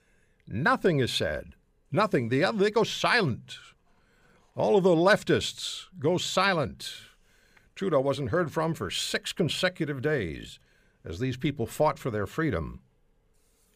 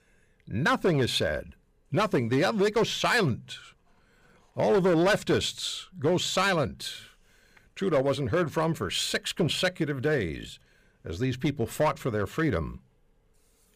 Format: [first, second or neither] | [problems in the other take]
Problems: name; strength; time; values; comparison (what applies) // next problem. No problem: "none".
first | distortion; slight; 5% of the sound clipped